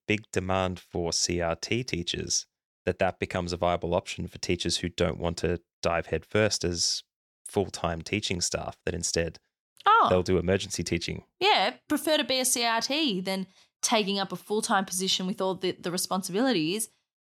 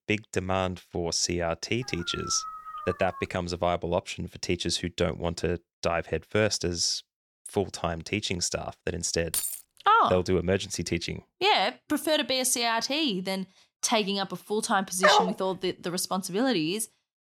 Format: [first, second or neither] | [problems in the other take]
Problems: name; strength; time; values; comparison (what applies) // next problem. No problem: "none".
first | dog barking; noticeable; from 2 to 3.5 s; peak 9 dB below the speech // jangling keys; noticeable; at 9.5 s; peak 1 dB below the speech // dog barking; loud; at 15 s; peak 6 dB above the speech